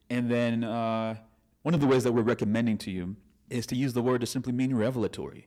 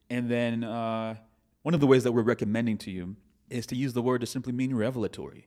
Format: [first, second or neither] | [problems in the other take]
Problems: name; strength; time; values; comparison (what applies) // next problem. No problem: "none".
second | distortion; slight; 10 dB below the speech